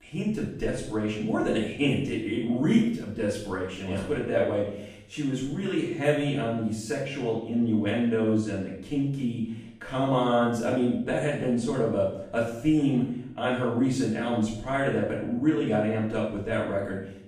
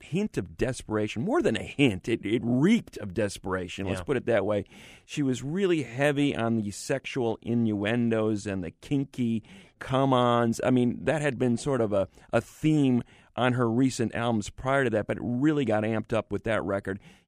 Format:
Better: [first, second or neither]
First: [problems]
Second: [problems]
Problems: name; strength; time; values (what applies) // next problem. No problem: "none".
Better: second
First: room echo; noticeable; dies away in 0.6 s // off-mic speech; far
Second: none